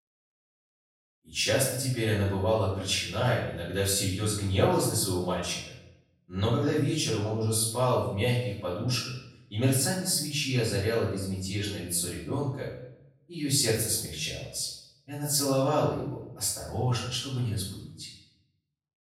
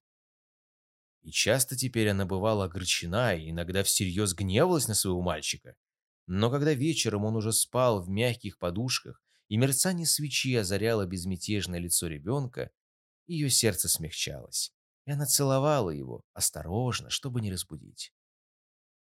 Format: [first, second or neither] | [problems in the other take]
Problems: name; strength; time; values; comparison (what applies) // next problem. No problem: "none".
second | off-mic speech; far // room echo; noticeable; dies away in 0.7 s